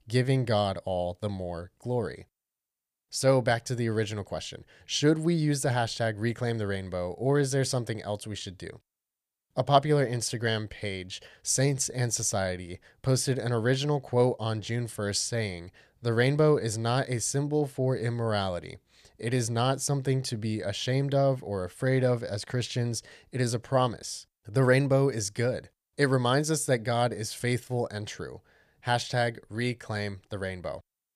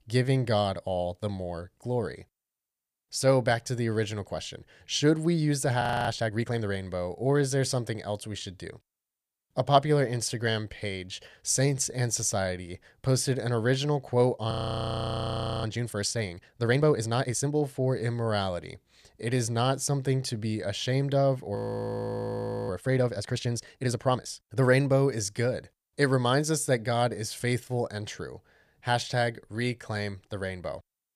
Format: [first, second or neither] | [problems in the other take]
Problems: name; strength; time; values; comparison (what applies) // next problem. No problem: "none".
first | audio freezing; at 6 s, at 15 s for 1 s and at 22 s for 1 s